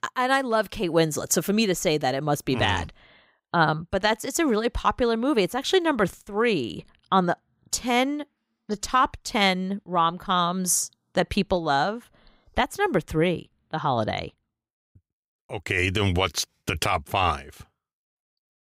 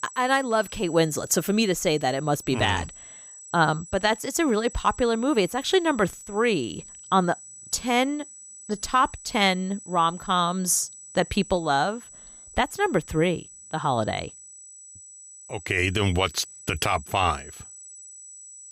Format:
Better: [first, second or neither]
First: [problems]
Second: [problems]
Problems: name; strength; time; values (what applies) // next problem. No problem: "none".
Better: first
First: none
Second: high-pitched whine; noticeable; throughout; 8 kHz, 15 dB below the speech